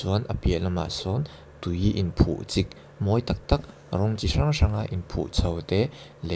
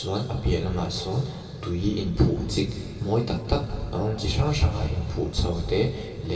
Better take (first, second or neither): first